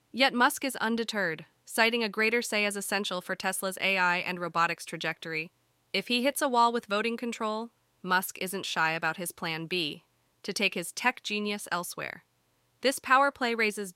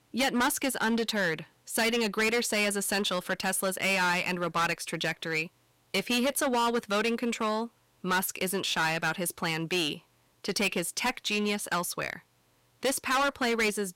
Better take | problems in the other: first | distortion; heavy; 12% of the sound clipped

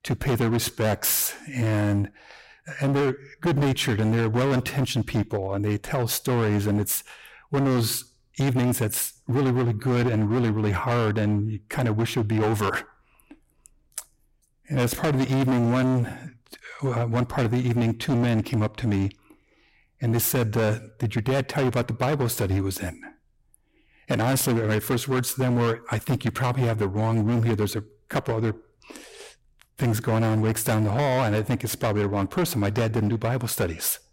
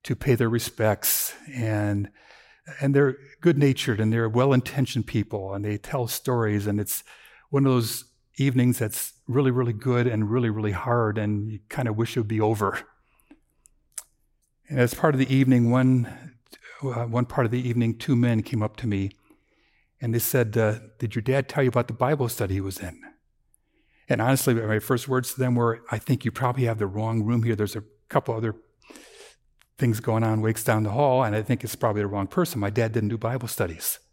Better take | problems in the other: second | distortion; heavy; 18% of the sound clipped

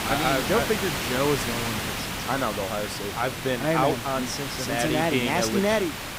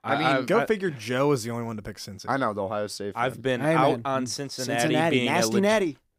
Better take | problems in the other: second | hiss; loud; throughout; 4 dB below the speech

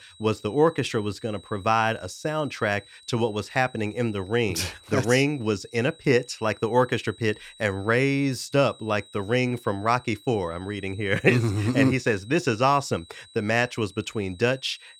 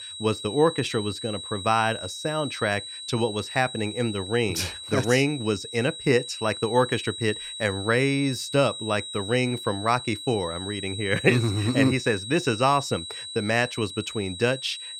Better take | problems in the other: first | high-pitched whine; loud; throughout; 4 kHz, 9 dB below the speech; faint in the first

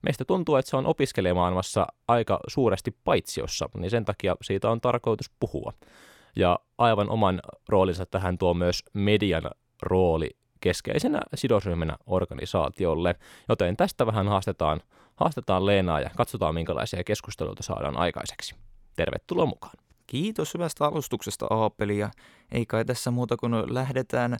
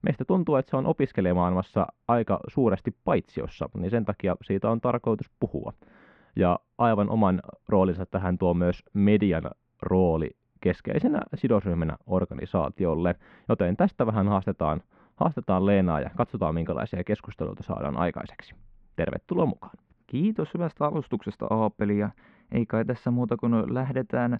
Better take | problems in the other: first | muffled; very; fading above 2 kHz

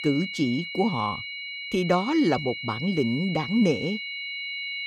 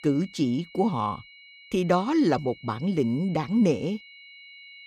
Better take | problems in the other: second | high-pitched whine; loud; throughout; 2 kHz, 7 dB below the speech; faint in the second

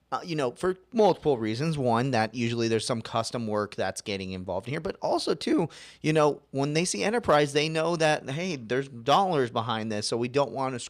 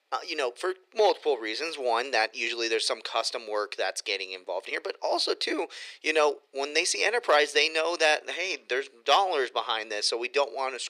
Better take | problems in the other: first | thin; very; fading below 350 Hz

